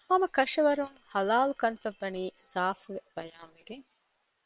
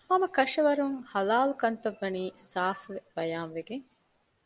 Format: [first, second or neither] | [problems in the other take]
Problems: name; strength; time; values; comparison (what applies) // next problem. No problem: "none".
second | noise reduction (neural separator model SepFormer WHAM!)